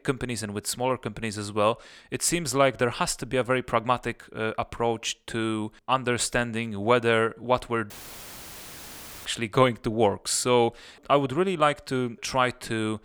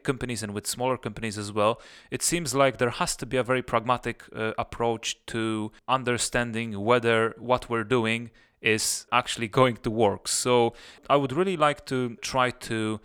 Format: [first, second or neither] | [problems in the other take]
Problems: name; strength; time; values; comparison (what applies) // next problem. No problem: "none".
second | audio cutting out; filled with static; at 8 s for 1.5 s